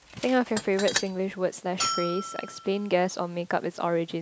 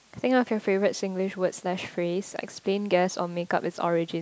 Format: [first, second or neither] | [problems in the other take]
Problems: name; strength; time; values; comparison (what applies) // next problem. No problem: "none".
second | background sound (Tools + Bell); 7 dB below the speech